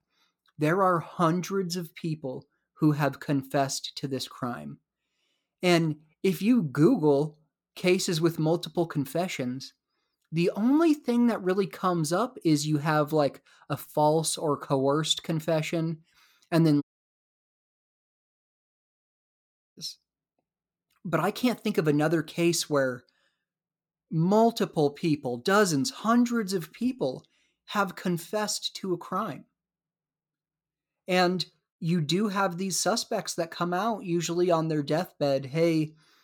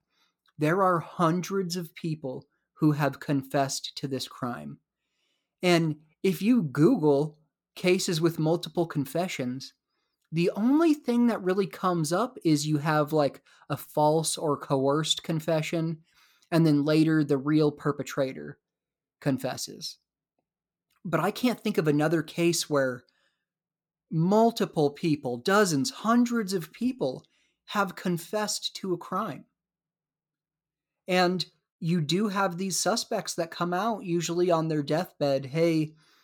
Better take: second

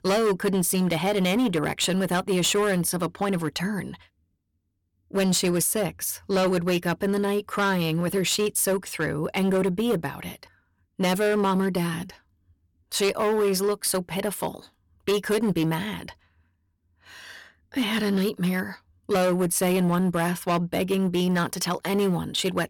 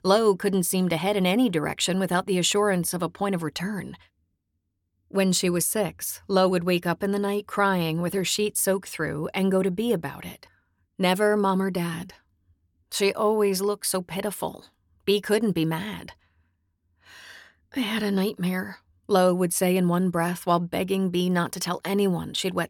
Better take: second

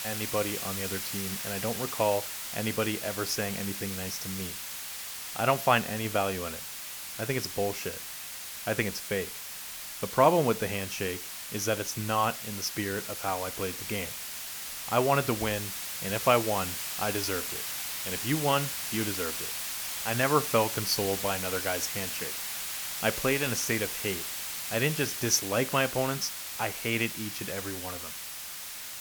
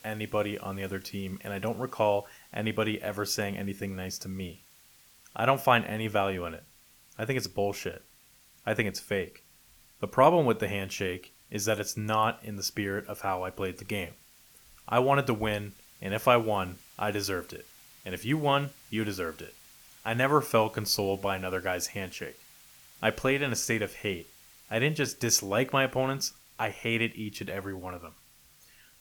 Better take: second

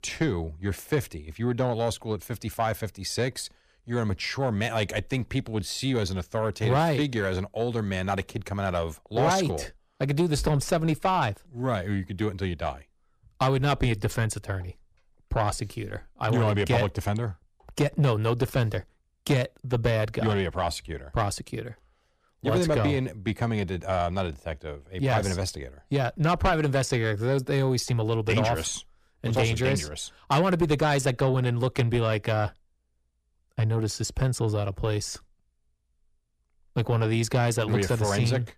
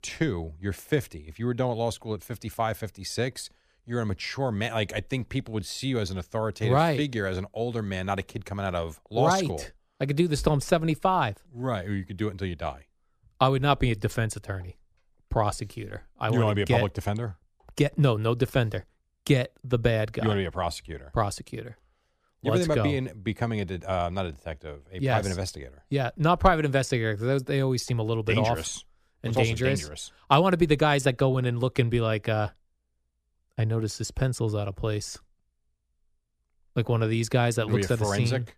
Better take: second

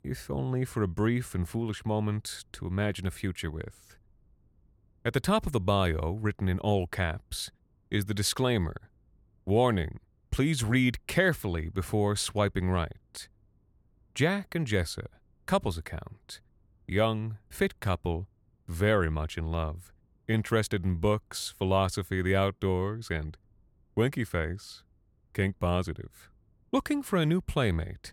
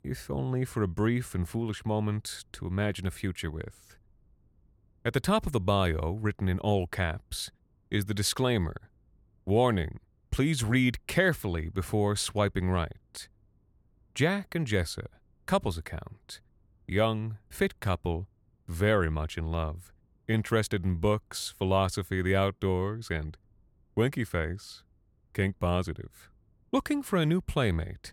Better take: neither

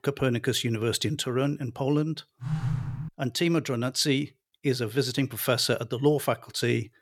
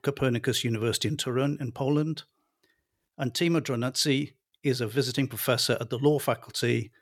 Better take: second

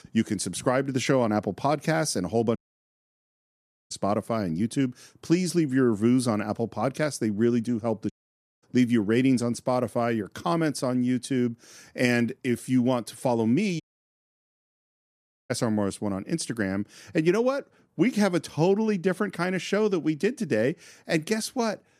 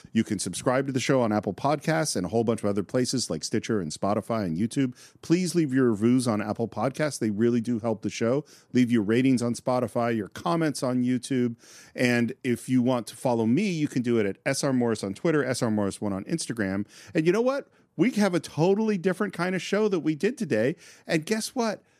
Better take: second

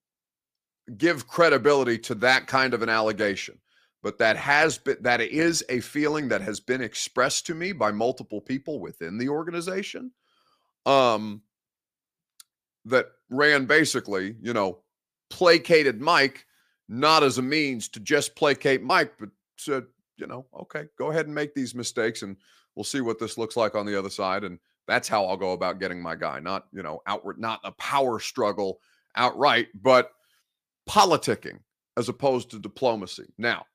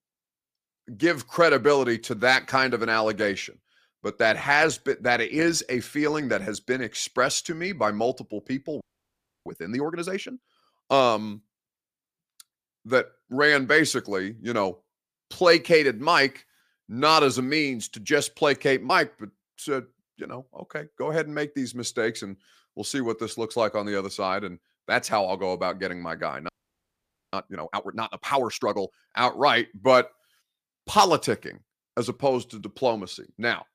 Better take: first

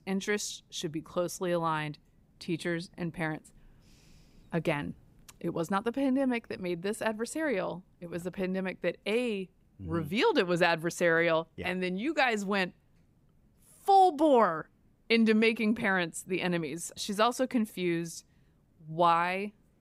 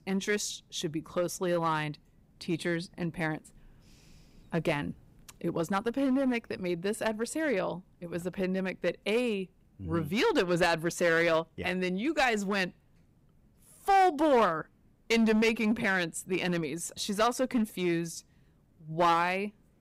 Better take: first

